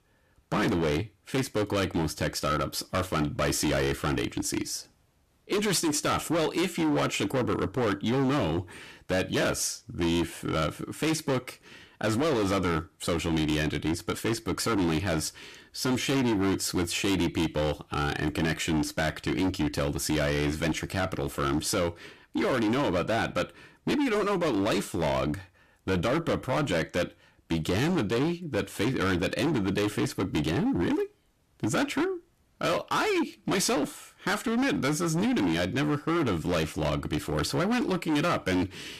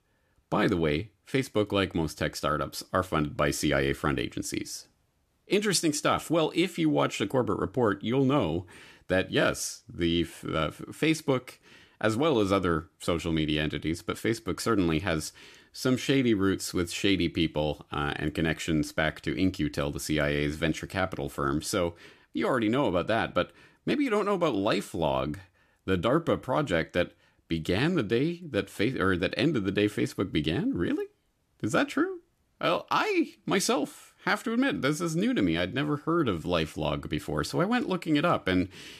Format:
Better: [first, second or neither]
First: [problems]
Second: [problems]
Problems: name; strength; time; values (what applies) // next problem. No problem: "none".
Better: second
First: distortion; heavy; 20% of the sound clipped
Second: none